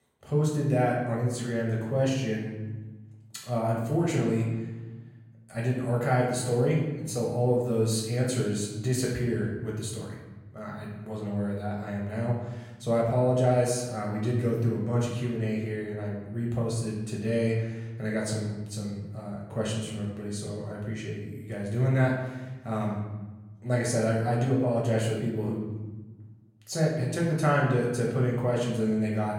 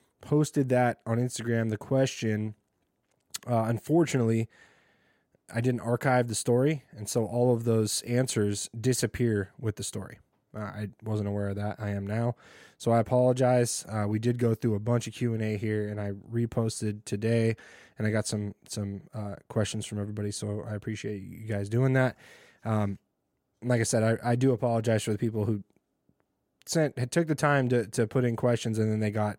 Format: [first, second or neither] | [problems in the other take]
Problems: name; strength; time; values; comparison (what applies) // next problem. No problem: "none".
second | room echo; noticeable; dies away in 1 s // off-mic speech; far